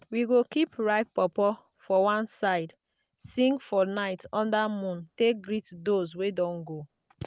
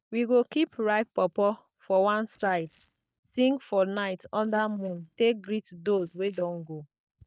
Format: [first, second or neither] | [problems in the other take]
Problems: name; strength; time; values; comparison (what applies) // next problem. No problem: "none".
first | noise reduction (neural mask model DeepFilterNet 3)